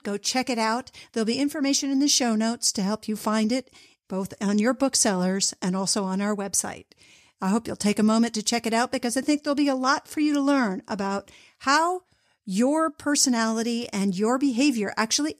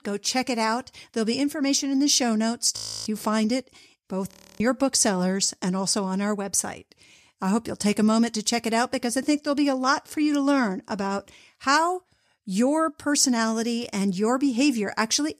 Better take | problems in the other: first | audio freezing; at 3 s and at 4.5 s

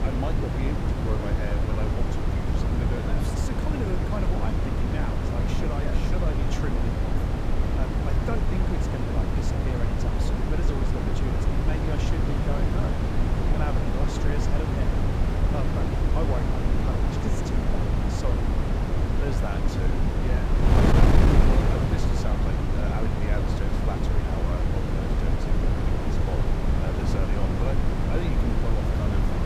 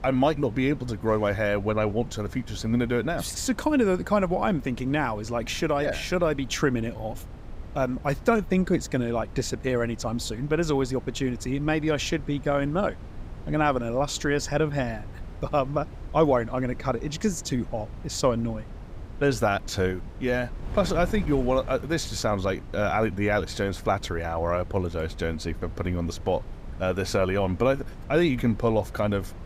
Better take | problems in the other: second | wind noise on the microphone; heavy; 5 dB above the speech; occasional gusts in the second

